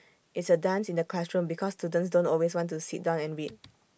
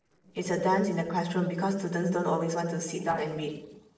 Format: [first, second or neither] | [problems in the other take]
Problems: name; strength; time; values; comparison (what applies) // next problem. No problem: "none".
first | noise reduction (neural separator model SepFormer DNS4)